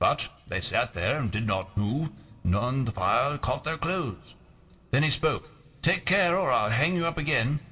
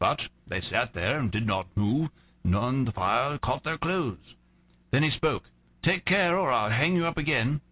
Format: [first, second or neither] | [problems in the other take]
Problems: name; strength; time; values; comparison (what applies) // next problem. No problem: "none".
second | room echo; dies away in 2.5 s